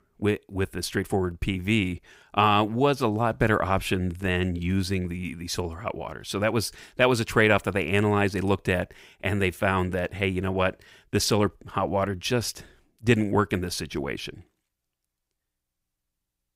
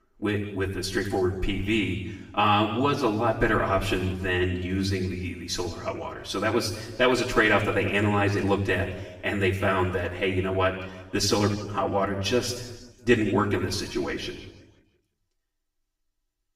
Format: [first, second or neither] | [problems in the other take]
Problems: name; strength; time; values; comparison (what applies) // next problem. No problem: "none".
first | room echo; slight; dies away in 1.1 s // off-mic speech; far